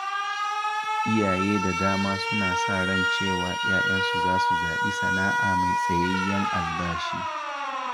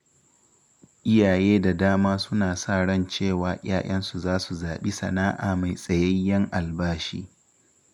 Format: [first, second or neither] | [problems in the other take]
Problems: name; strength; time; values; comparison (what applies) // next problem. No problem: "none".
second | background sound (Alarm); 4 dB above the speech